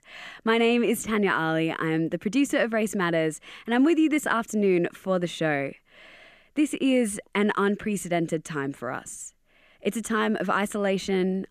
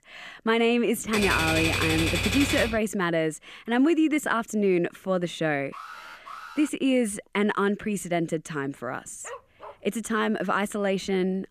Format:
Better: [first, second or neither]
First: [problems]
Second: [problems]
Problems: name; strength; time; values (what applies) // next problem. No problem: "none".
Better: first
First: none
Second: keyboard typing; loud; from 1 to 3 s; peak 2 dB above the speech // alarm; faint; at 5.5 s; peak 15 dB below the speech // dog barking; faint; at 9 s; peak 15 dB below the speech